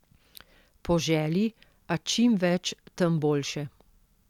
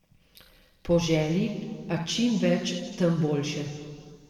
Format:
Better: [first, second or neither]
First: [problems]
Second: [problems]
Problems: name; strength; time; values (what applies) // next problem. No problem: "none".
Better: first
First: none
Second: room echo; dies away in 1.8 s